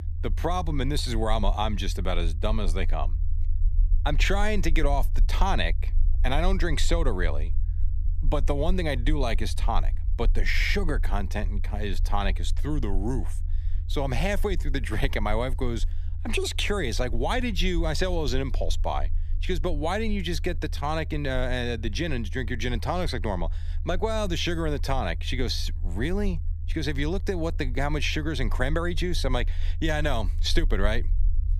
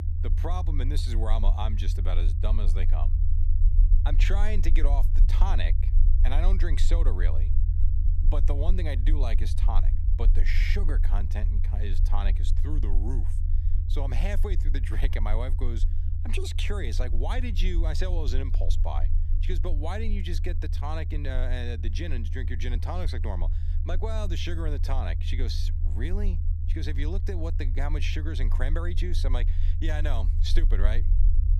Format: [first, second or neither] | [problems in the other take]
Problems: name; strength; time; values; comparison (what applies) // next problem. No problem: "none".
first | low rumble; loud; throughout; 10 dB below the speech; faint in the first